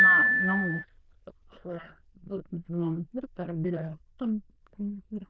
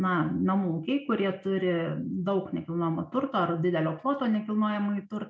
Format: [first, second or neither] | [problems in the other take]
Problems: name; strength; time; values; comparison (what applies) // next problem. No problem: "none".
second | noise reduction (neural diffusion model UNIVERSE++)